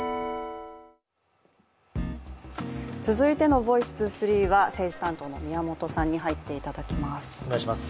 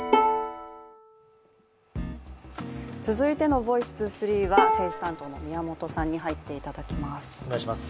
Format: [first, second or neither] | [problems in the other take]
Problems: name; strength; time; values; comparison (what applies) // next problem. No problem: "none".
first | background sound (Bowed string instrument); as loud as the speech